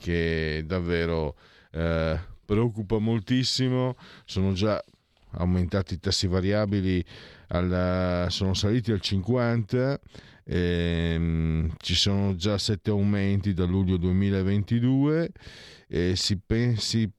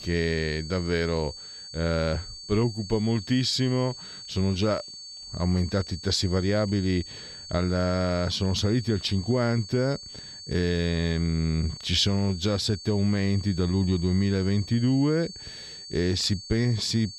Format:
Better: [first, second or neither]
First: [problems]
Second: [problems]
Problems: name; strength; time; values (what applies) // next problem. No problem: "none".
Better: first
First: none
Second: high-pitched whine; noticeable; throughout; 4.5 kHz, 15 dB below the speech